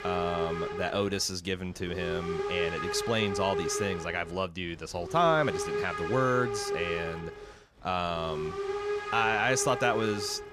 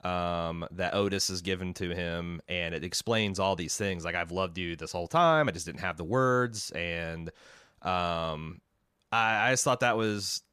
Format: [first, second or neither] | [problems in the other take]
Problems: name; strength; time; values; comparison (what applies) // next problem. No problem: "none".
second | hiss; loud; throughout; 4 dB below the speech